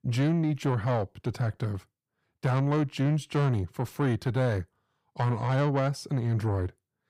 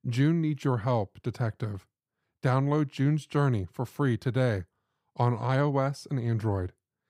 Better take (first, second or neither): second